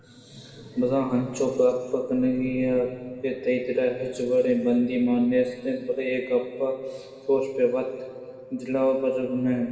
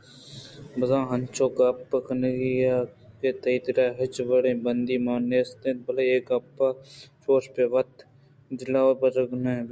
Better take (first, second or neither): second